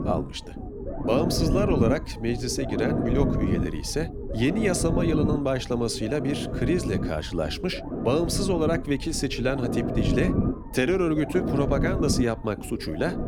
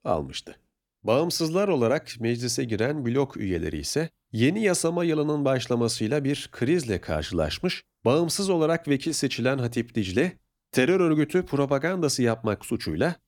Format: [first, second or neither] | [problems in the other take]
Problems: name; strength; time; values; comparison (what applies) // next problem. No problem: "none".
second | low rumble; loud; throughout; 5 dB below the speech